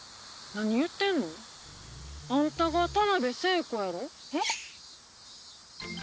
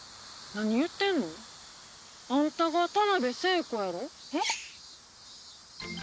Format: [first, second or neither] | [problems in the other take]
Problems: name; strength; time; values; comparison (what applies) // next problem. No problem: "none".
second | background sound (Growling); 14 dB below the speech